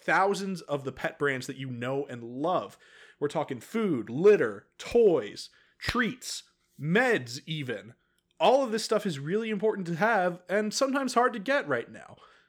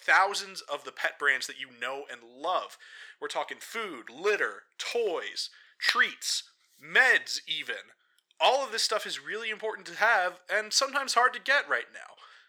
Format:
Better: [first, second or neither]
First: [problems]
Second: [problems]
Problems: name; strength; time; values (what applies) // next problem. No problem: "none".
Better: first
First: none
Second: thin; very; fading below 850 Hz